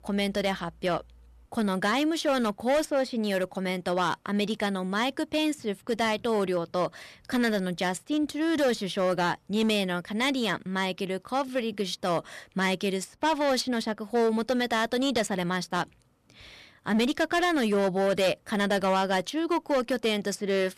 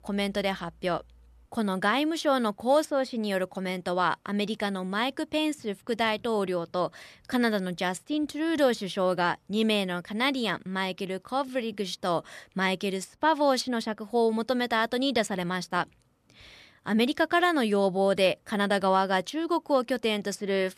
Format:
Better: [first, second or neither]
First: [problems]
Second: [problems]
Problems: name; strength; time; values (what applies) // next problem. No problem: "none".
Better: second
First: distortion; slight; 8% of the sound clipped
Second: none